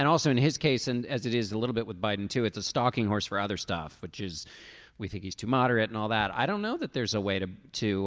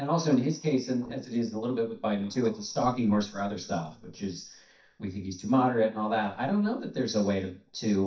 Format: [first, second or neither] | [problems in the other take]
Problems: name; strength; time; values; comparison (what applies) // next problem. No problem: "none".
first | noise reduction (neural mask model DeepFilterNet 3)